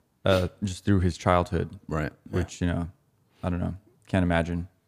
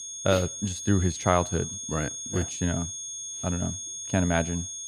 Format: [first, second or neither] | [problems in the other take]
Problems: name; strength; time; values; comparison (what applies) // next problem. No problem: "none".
first | high-pitched whine; loud; throughout; 6.5 kHz, 5 dB below the speech